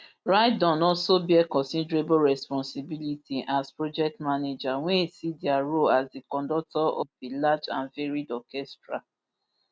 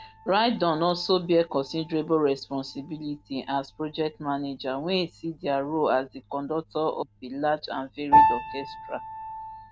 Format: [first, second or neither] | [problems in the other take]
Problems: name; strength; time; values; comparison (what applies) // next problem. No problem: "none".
first | background sound (Piano); 3 dB below the speech